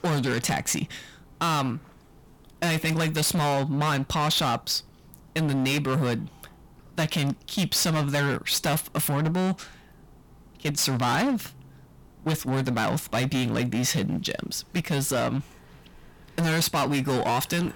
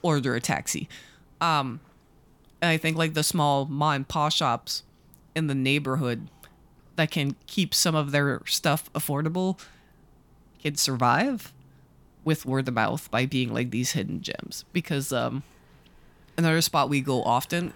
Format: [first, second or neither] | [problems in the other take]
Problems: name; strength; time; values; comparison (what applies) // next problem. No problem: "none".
second | distortion; heavy; 19% of the sound clipped